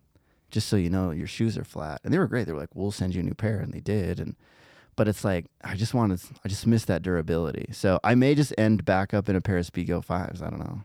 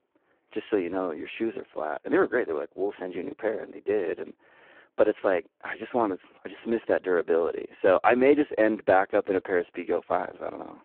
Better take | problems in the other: first | phone-call audio; poor line

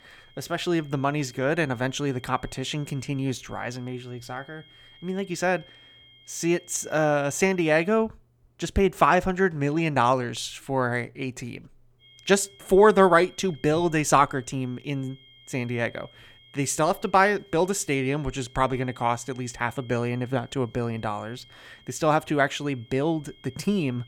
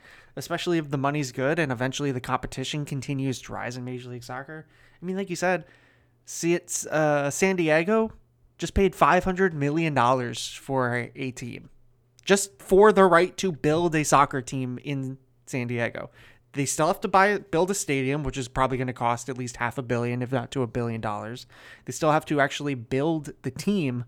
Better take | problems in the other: second | high-pitched whine; faint; until 8 s and from 12 s on; 3 kHz, 25 dB below the speech

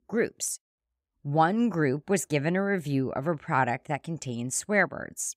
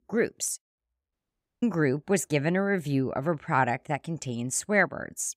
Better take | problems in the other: first | audio cutting out; at 1 s for 0.5 s

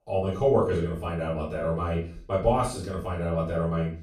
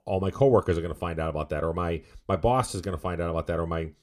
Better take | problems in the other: second | off-mic speech; far // room echo; slight; dies away in 0.4 s

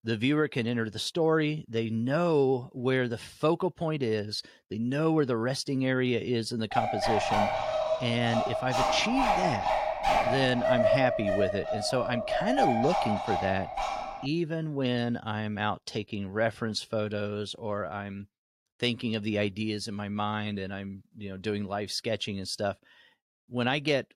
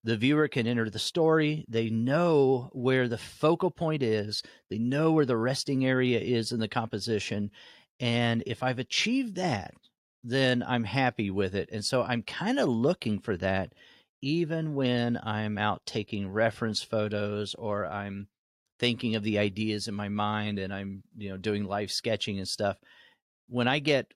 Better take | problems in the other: second | dog barking; loud; from 6.5 to 14 s; peak 6 dB above the speech

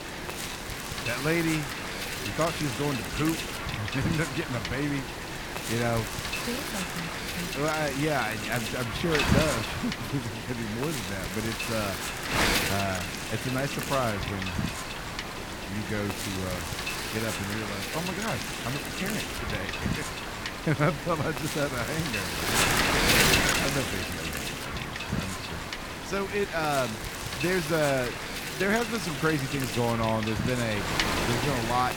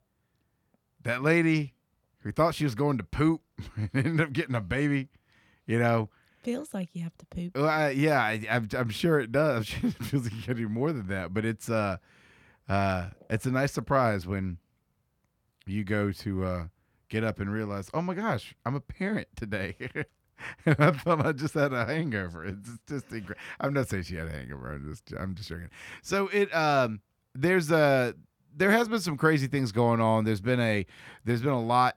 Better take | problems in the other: second | wind noise on the microphone; heavy; 2 dB above the speech

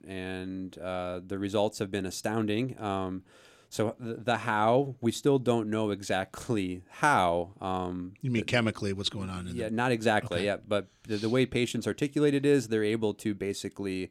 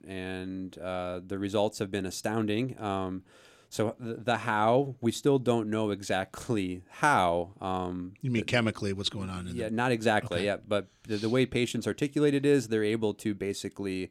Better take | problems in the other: neither | none

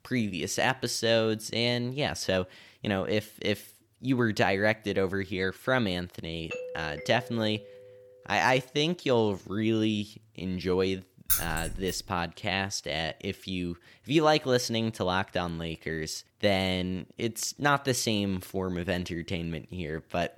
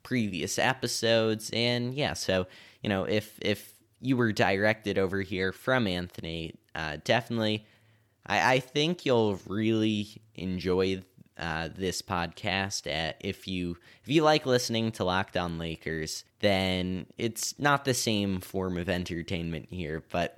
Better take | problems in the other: second | doorbell; noticeable; from 6.5 to 8 s; peak 9 dB below the speech // jangling keys; loud; at 11 s; peak 3 dB above the speech

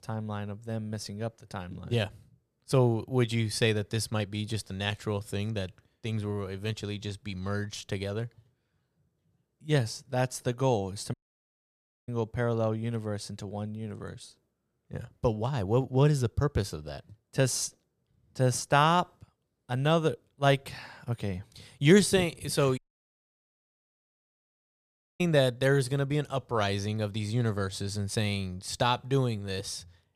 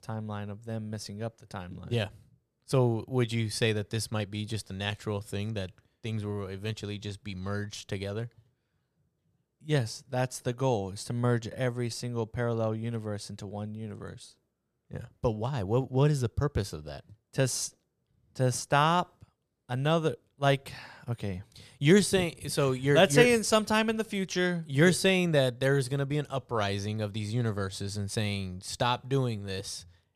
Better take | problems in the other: second | audio cutting out; at 11 s for 1 s and at 23 s for 2.5 s

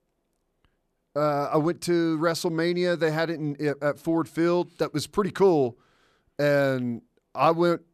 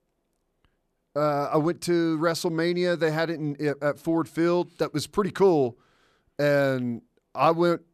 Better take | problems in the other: neither | none

